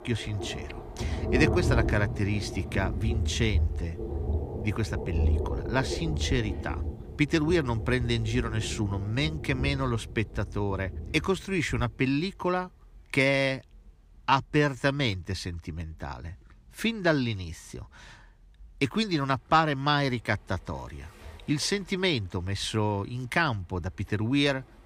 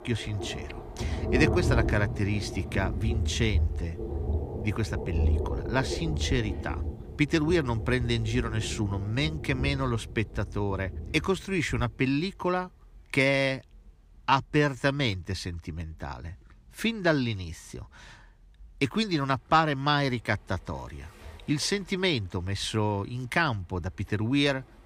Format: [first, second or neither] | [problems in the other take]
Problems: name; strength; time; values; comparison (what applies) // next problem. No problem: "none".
neither | rain or running water; loud; throughout; 5 dB below the speech; the same in both